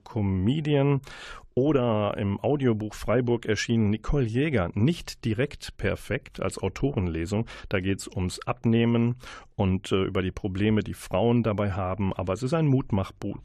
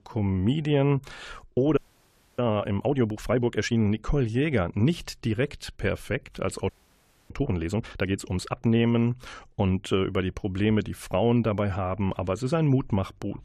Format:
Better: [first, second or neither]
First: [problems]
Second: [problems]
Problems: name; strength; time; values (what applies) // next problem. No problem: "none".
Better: first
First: none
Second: audio freezing; at 2 s for 0.5 s and at 6.5 s for 0.5 s